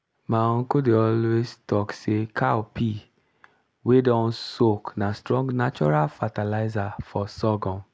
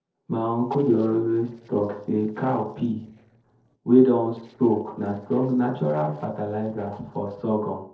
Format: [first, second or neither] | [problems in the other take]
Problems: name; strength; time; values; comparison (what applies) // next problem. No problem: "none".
first | noise reduction (neural separator model SepFormer DNS4)